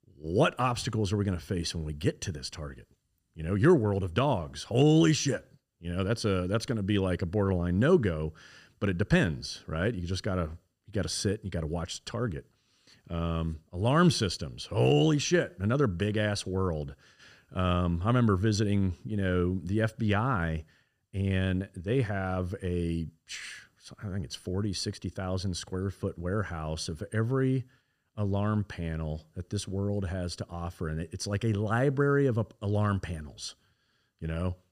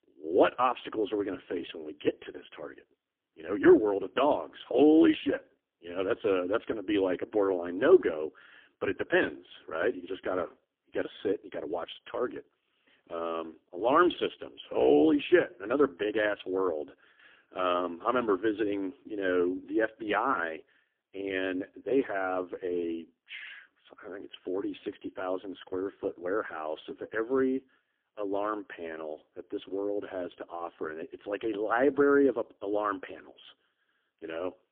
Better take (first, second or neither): first